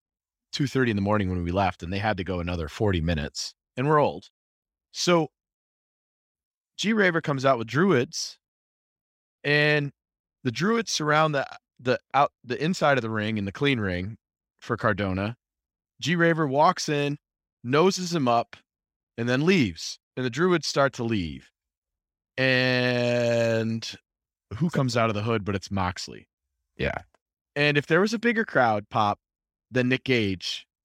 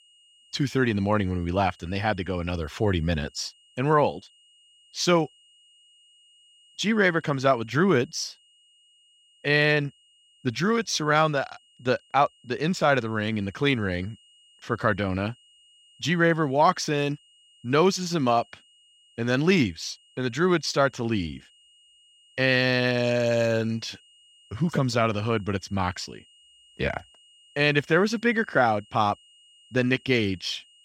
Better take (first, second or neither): first